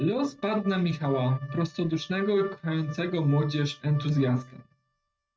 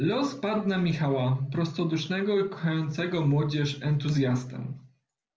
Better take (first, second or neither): second